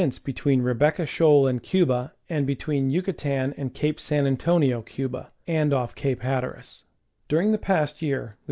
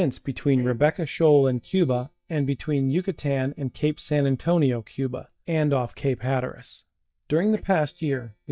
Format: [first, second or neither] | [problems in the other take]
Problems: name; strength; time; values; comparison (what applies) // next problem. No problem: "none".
first | noise reduction (neural mask model DeepFilterNet 3)